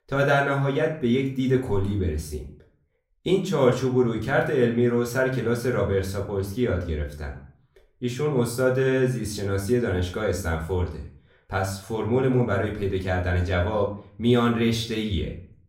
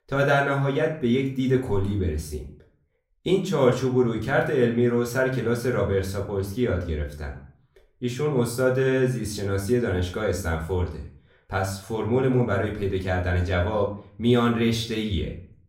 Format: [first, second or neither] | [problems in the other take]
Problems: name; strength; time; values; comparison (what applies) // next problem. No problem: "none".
neither | room echo; slight; dies away in 0.4 s; the same in both // off-mic speech; far; the same in both